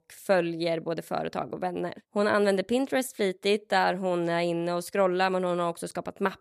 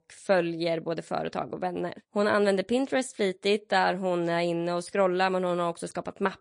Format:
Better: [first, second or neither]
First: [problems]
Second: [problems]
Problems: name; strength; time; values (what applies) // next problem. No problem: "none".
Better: first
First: none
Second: garbled, watery; slightly; nothing above 10 kHz